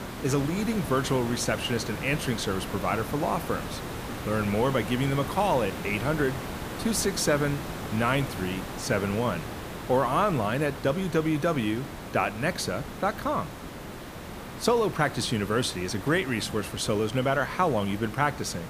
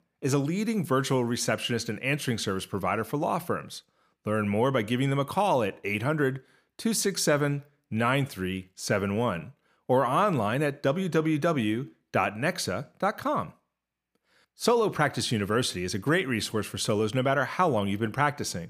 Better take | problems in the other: second | hiss; loud; throughout; 9 dB below the speech

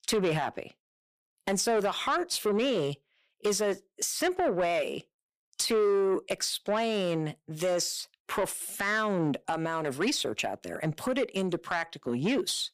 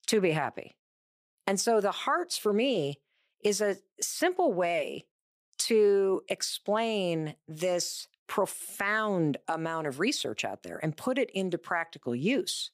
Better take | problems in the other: second | distortion; slight; 10 dB below the speech

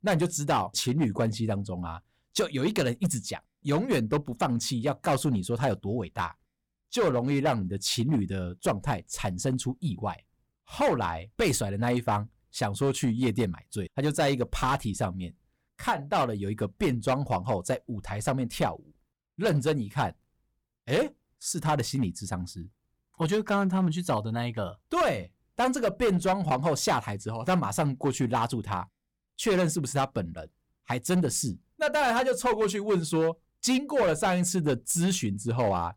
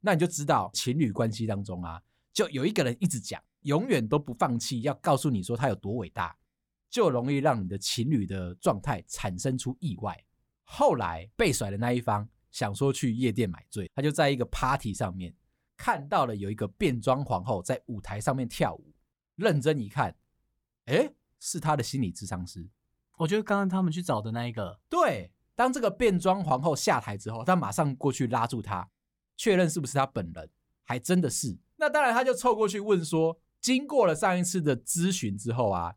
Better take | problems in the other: second | distortion; slight; 6% of the sound clipped

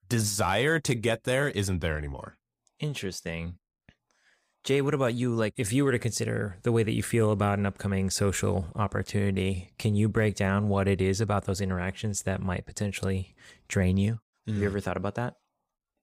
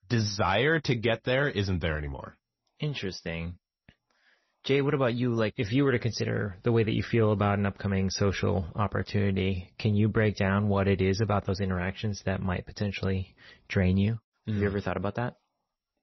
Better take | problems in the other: first | garbled, watery; slightly; nothing above 6 kHz

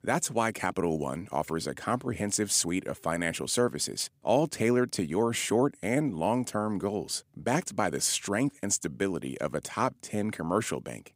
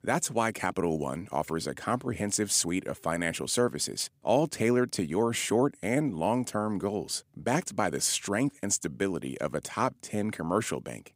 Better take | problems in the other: neither | none

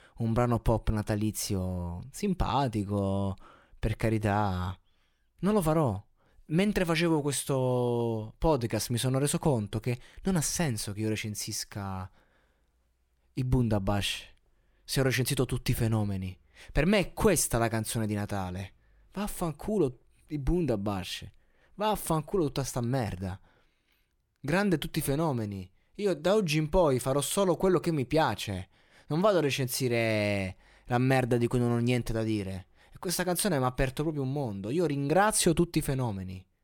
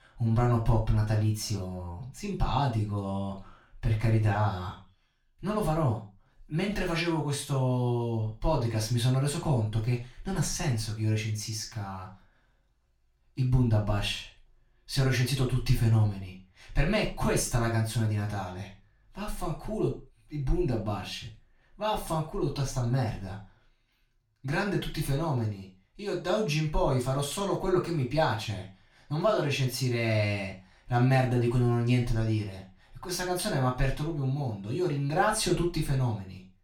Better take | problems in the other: first | room echo; slight; dies away in 0.3 s // off-mic speech; far

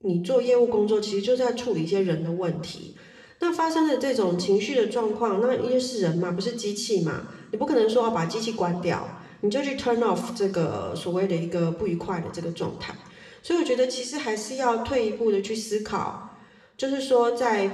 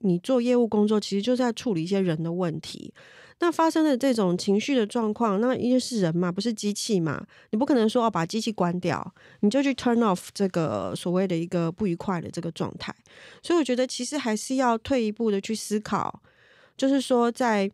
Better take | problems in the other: second | room echo; slight; dies away in 0.9 s

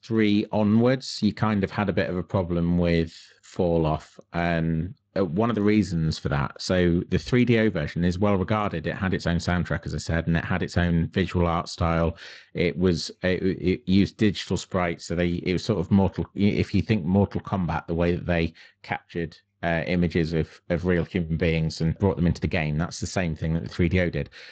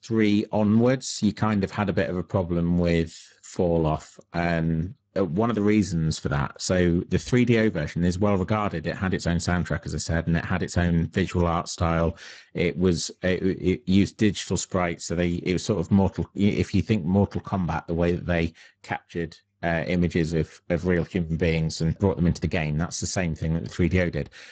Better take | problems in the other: first | garbled, watery; badly; nothing above 7.5 kHz; slightly in the first

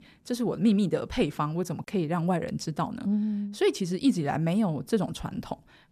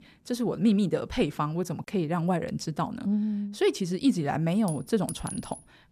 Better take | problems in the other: first | clattering dishes; faint; at 4.5 s; peak 10 dB below the speech

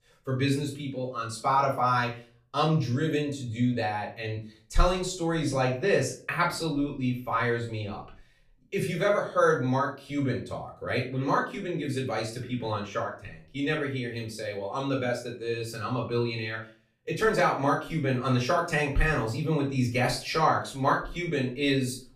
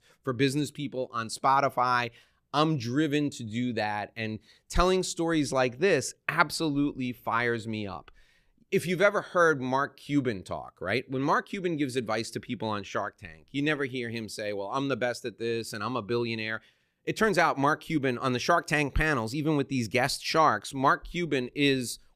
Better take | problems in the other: second | off-mic speech; far // room echo; slight; dies away in 0.3 s

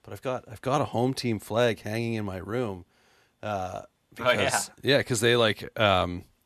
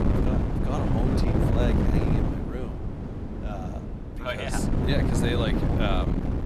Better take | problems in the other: first | wind noise on the microphone; heavy; 1 dB above the speech

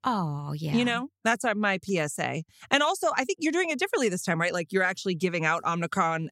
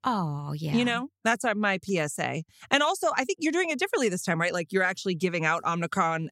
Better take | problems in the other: neither | none

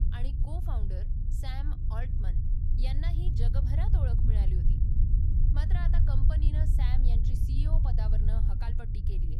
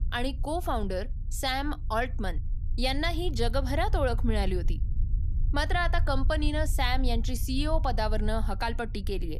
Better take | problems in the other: second | low rumble; loud; throughout; 1 dB below the speech; faint in the second

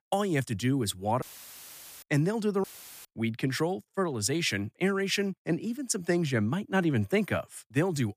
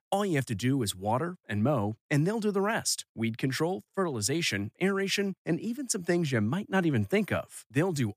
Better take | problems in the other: second | audio cutting out; filled with static; at 1 s for 1 s and at 2.5 s

